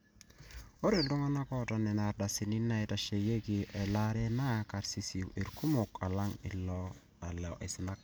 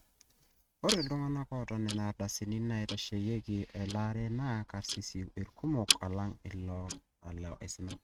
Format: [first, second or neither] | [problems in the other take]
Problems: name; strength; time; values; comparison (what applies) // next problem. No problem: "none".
first | noise reduction (neural mask model RNNoise)